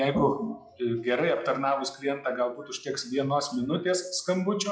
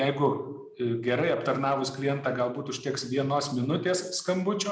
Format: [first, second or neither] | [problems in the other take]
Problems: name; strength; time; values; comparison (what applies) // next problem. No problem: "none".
second | noise reduction (classical method log-MMSE)